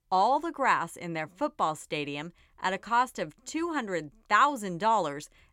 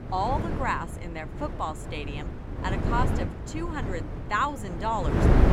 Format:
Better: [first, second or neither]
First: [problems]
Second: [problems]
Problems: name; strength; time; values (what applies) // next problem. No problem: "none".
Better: first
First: none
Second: wind noise on the microphone; heavy; 6 dB below the speech